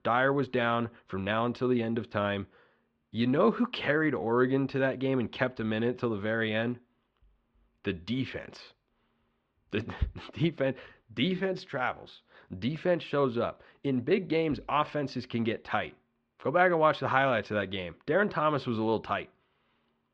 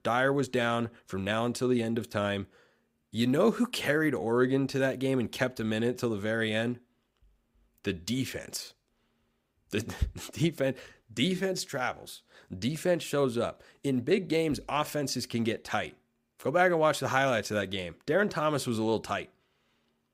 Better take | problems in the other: second | muffled; slightly; fading above 3.5 kHz

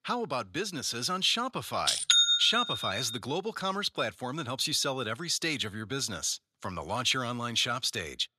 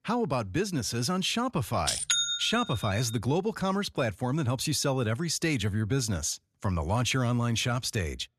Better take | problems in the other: second | thin; somewhat; fading below 400 Hz

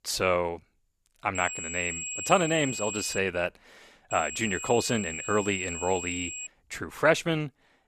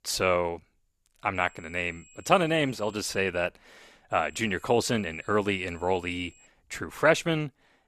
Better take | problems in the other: second | high-pitched whine; loud; from 1.5 to 3 s and from 4 to 6.5 s; 7.5 kHz, 7 dB below the speech; faint in the second

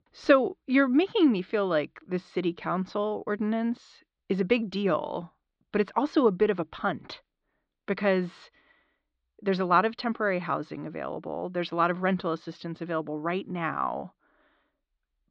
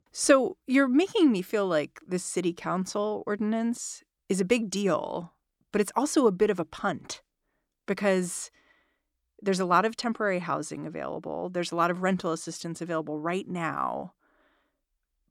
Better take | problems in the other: second | muffled; slightly; fading above 4 kHz

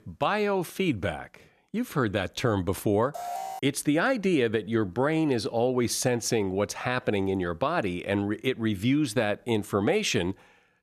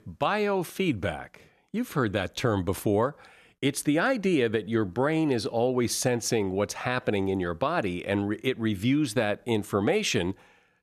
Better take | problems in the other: second | alarm; noticeable; at 3 s; peak 8 dB below the speech

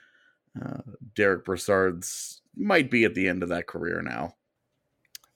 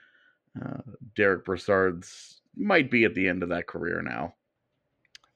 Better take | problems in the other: first | muffled; slightly; fading above 3 kHz

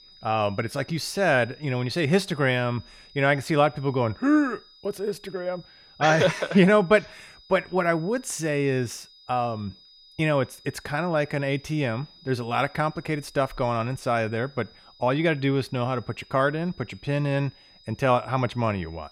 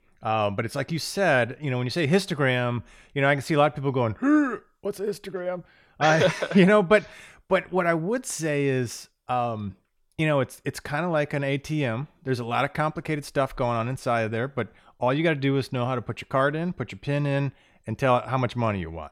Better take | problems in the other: second | high-pitched whine; faint; throughout; 5 kHz, 25 dB below the speech

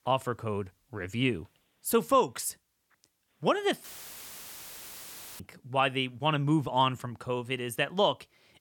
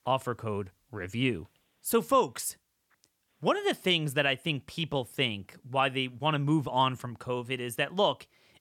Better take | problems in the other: second | audio cutting out; filled with static; at 4 s for 1.5 s

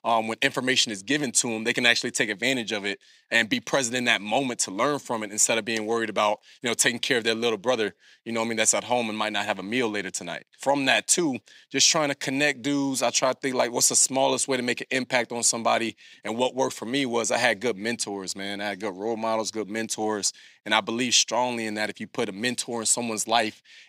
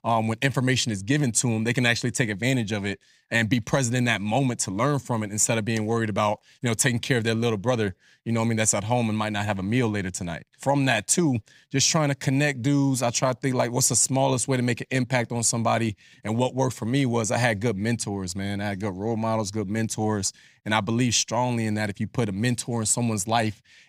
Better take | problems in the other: second | thin; somewhat; fading below 350 Hz

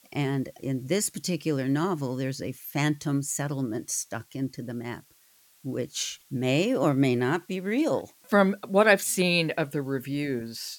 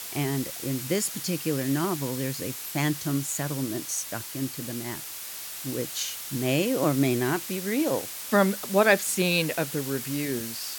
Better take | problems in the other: first | hiss; loud; throughout; 7 dB below the speech; faint in the first

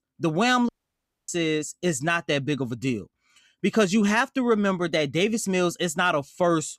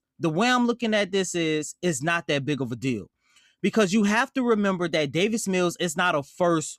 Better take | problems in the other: second | audio cutting out; at 0.5 s for 0.5 s

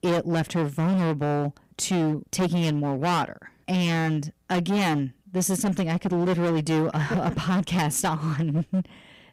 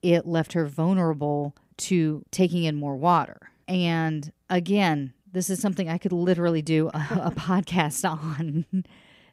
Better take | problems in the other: second | distortion; heavy; 20% of the sound clipped

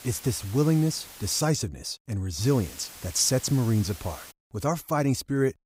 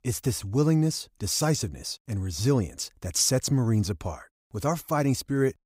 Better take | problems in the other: second | hiss; noticeable; until 1.5 s and from 2.5 to 4.5 s; 15 dB below the speech

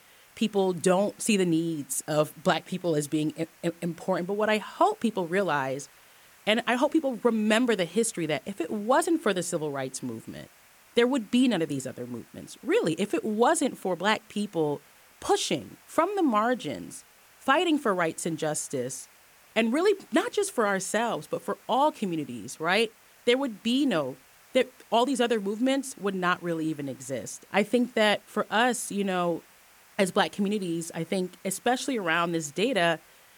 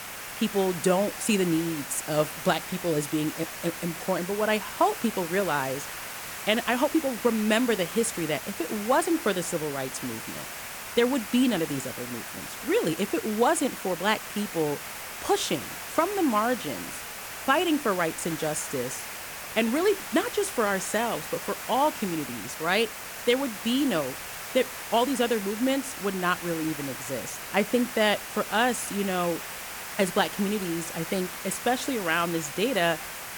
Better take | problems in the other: first | hiss; loud; throughout; 8 dB below the speech; faint in the first

